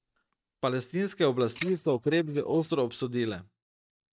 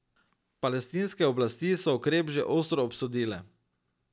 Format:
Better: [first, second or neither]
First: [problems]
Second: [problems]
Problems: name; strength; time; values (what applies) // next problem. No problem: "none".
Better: second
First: noise reduction (neural mask model DeepFilterNet 3)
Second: none